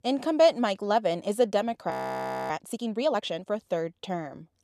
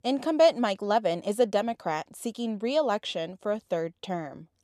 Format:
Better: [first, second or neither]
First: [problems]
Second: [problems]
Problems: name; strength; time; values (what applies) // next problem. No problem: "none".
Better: second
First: audio freezing; at 2 s for 0.5 s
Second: none